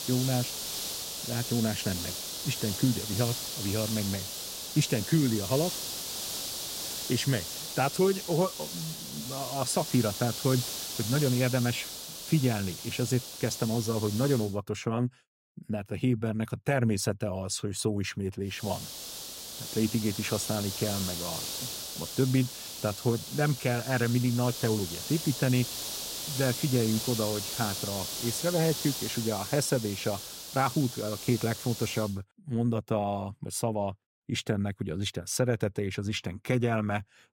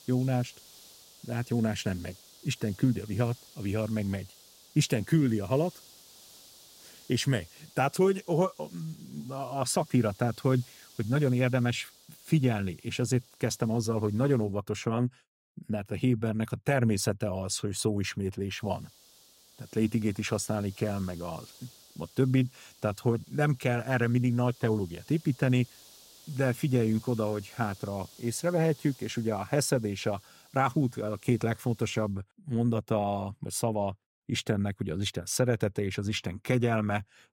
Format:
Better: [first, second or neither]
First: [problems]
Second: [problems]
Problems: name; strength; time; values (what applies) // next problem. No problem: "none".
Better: second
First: hiss; loud; until 14 s and from 19 to 32 s; 5 dB below the speech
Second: hiss; faint; until 14 s and from 19 to 32 s; 25 dB below the speech